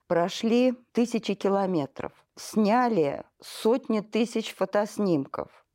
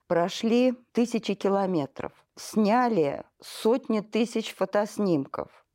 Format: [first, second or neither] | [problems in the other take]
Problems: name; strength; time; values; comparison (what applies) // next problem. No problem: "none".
neither | none